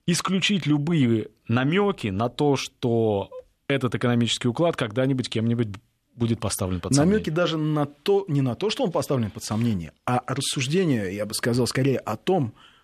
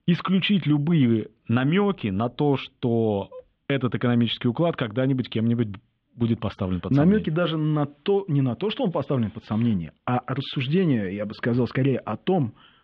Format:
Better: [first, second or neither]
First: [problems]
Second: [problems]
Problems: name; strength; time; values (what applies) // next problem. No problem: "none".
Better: first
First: none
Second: muffled; very; fading above 3.5 kHz